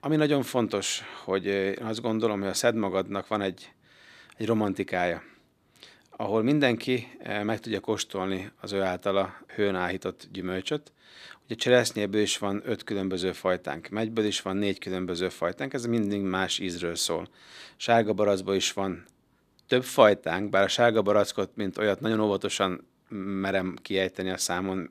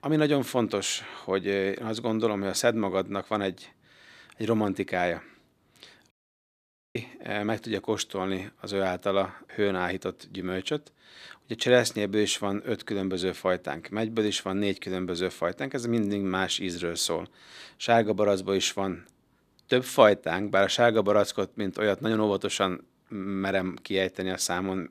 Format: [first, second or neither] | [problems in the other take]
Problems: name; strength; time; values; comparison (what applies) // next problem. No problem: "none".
first | audio cutting out; at 6 s for 1 s